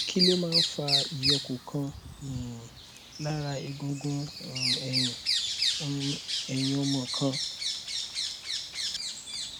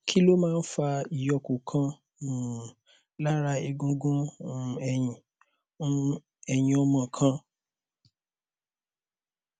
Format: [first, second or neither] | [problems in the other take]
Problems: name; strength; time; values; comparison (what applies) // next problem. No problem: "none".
second | background sound (Bird vocalization, bird call, bird song); 1 dB above the speech